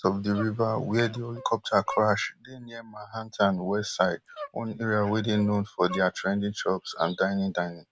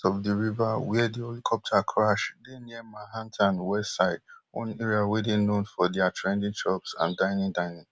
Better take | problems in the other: second | background sound (Dog); 19 dB below the speech

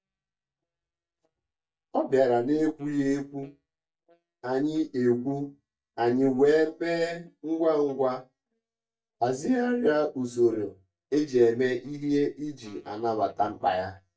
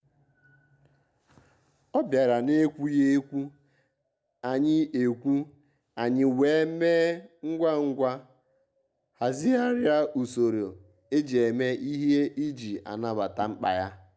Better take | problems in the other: second | noise reduction (neural mask model DeepFilterNet 3)

